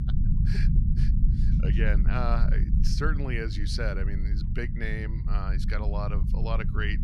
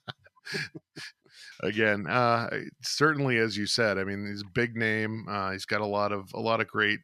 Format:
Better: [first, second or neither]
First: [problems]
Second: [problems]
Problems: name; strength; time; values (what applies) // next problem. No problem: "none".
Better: second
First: low rumble; loud; throughout; 7 dB below the speech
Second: none